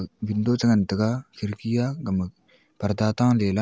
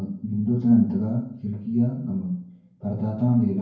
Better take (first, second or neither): first